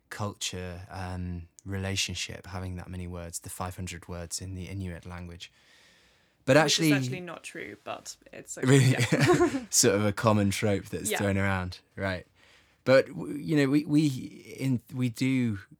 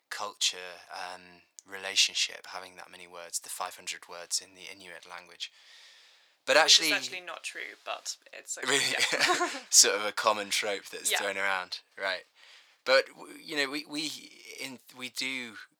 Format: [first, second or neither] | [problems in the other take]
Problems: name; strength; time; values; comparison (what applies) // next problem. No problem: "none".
first | thin; very; fading below 750 Hz